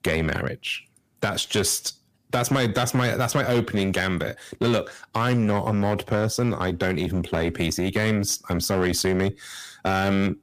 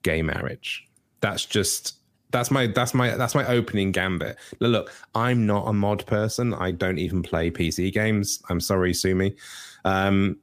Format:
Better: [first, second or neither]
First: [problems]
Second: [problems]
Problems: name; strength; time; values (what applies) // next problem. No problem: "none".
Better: second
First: distortion; slight; 7% of the sound clipped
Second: none